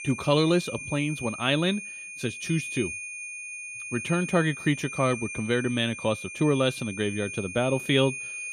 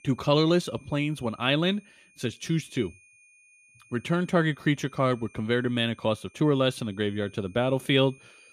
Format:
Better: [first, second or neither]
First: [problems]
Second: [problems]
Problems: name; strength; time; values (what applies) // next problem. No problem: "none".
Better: second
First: high-pitched whine; loud; throughout; 2.5 kHz, 8 dB below the speech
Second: high-pitched whine; faint; throughout; 2.5 kHz, 30 dB below the speech